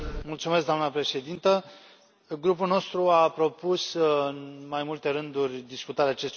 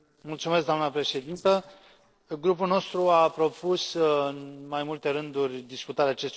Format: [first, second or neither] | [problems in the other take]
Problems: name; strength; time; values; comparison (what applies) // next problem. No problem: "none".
first | noise reduction (neural separator model SepFormer DNS4)